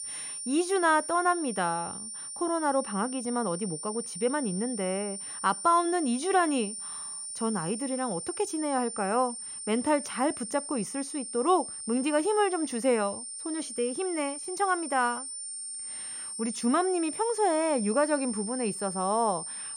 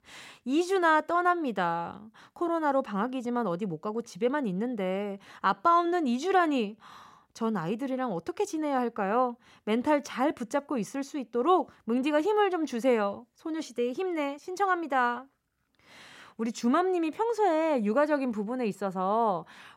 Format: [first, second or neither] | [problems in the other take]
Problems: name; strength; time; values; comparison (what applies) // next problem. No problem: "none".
second | high-pitched whine; loud; throughout; 9 kHz, 7 dB below the speech